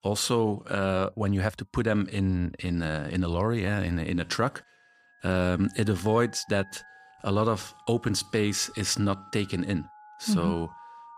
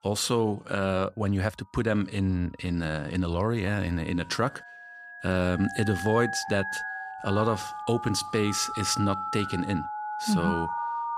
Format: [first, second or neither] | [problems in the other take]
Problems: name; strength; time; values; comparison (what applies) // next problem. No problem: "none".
first | alarms or sirens; loud; throughout; 7 dB below the speech; faint in the first